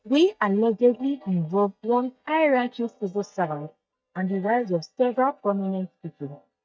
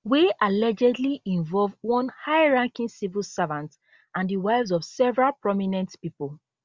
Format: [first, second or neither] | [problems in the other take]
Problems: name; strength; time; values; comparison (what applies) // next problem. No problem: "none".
second | noise reduction (neural mask model DeepFilterNet 3)